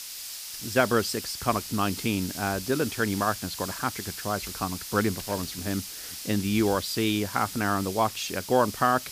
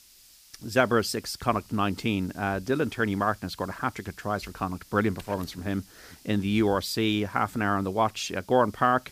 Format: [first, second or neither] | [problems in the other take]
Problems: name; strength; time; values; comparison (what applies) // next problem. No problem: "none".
second | hiss; loud; throughout; 8 dB below the speech; faint in the second